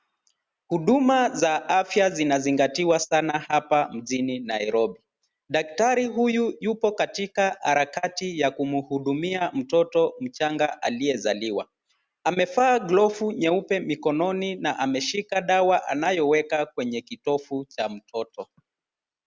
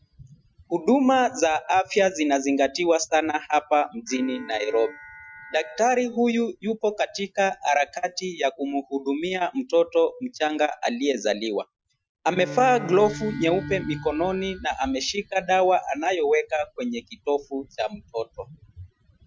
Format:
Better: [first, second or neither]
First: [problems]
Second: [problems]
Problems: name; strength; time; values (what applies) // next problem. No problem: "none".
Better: first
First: none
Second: noise reduction (classical method Wiener filter)